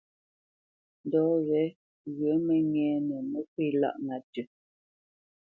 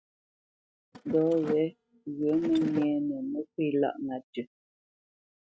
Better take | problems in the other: first | noise reduction (neural mask model RNNoise)

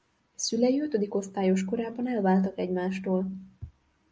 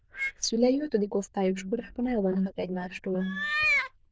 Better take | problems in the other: first | noise reduction (neural diffusion model UNIVERSE++)

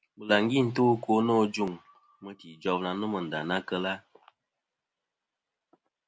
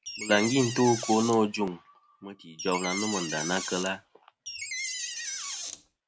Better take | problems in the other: first | background sound (Door); 7 dB below the speech

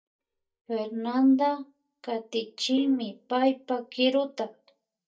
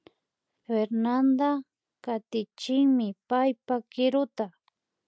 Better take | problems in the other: second | noise reduction (neural mask model DeepFilterNet 3)

